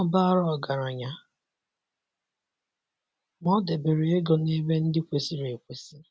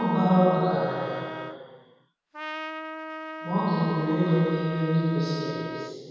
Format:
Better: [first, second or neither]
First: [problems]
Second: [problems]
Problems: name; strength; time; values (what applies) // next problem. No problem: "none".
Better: first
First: none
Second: background sound (Trumpet); 11 dB below the speech // room echo; dies away in 2.2 s